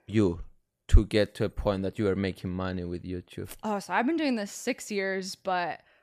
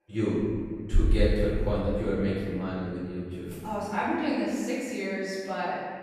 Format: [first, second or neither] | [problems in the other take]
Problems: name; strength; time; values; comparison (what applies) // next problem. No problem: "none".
first | room echo; strong; dies away in 2 s // off-mic speech; far